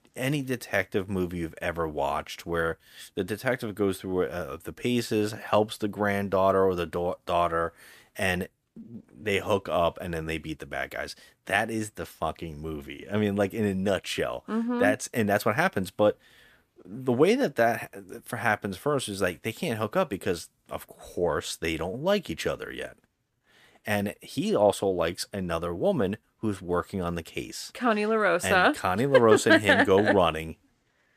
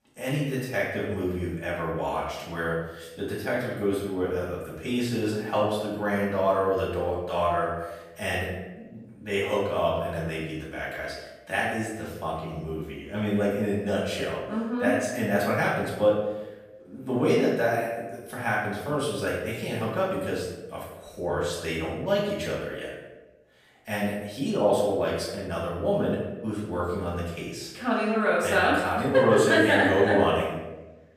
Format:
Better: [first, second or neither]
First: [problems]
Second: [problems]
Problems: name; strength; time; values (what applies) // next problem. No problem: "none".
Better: first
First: none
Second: off-mic speech; far // room echo; noticeable; dies away in 0.9 s